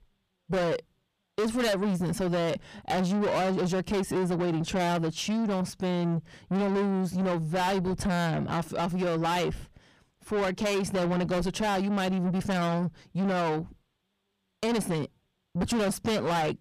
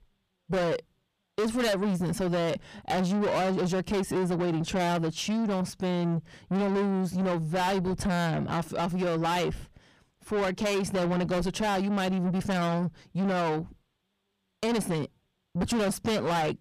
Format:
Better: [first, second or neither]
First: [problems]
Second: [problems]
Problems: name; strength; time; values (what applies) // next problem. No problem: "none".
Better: neither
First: distortion; heavy; 6 dB below the speech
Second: distortion; heavy; 6 dB below the speech